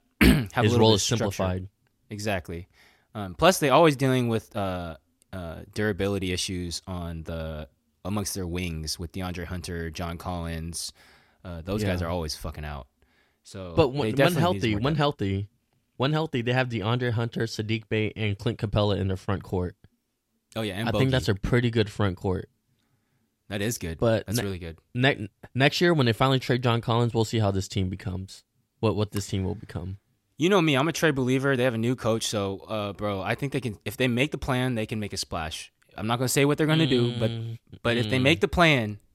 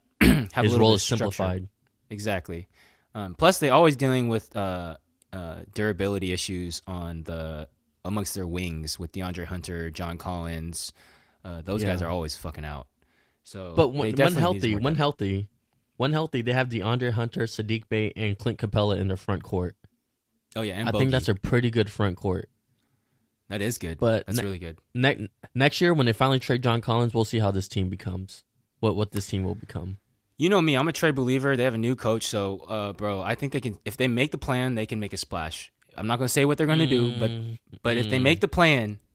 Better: first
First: none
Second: garbled, watery; slightly; nothing above 16 kHz

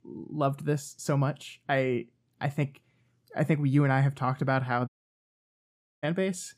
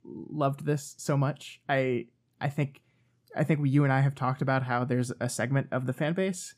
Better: second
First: audio cutting out; at 5 s for 1 s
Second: none

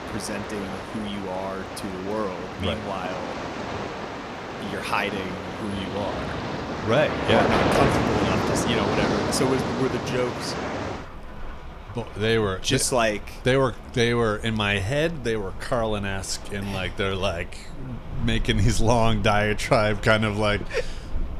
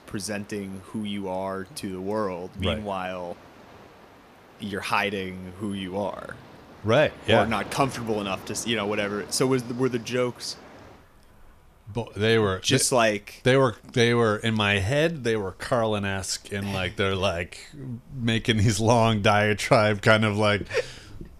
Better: second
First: rain or running water; loud; throughout; 4 dB below the speech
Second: rain or running water; faint; throughout; 20 dB below the speech

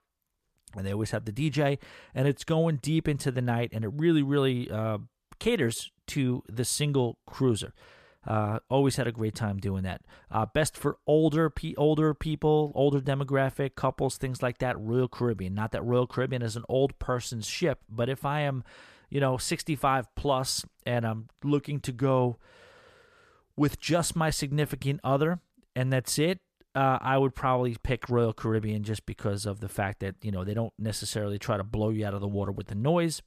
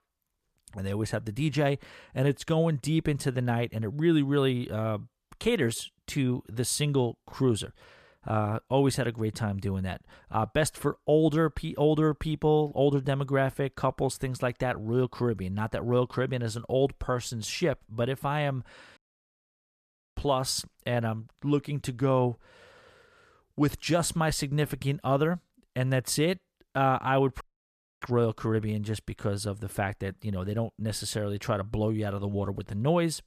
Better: first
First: none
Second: audio cutting out; at 19 s for 1 s and at 27 s for 0.5 s

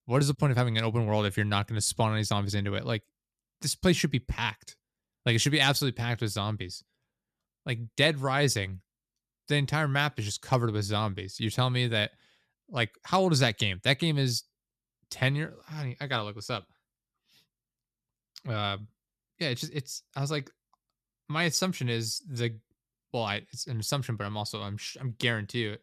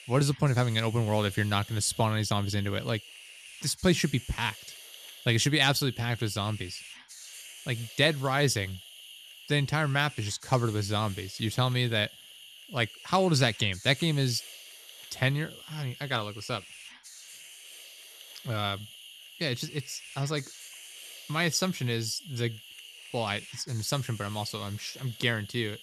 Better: first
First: none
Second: hiss; noticeable; throughout; 15 dB below the speech

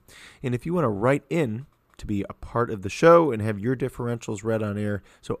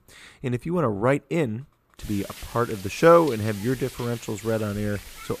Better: first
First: none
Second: hiss; noticeable; from 2 s on; 15 dB below the speech

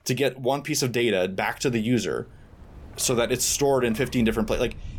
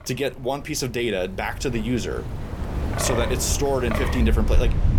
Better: first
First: wind in the background; faint; throughout; 20 dB below the speech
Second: wind in the background; loud; throughout; 1 dB below the speech

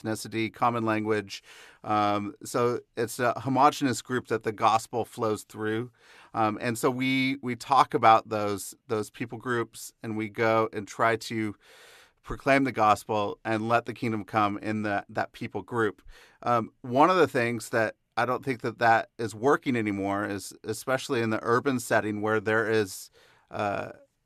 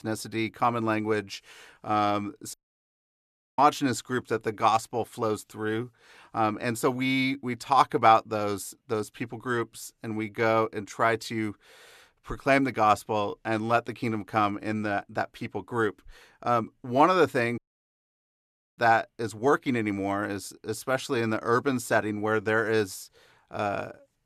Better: first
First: none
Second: audio cutting out; at 2.5 s for 1 s and at 18 s for 1 s

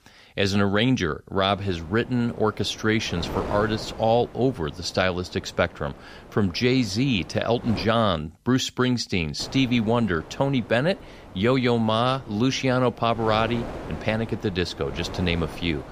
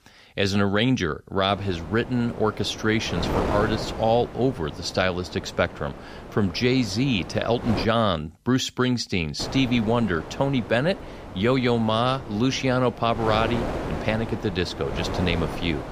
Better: first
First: wind noise on the microphone; occasional gusts; from 1.5 to 8 s and from 9.5 s on; 15 dB below the speech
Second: wind noise on the microphone; heavy; from 1.5 to 8 s and from 9.5 s on; 10 dB below the speech

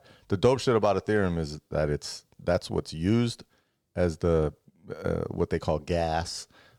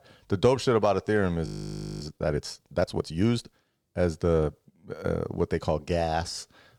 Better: first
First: none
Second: audio freezing; at 1.5 s for 0.5 s

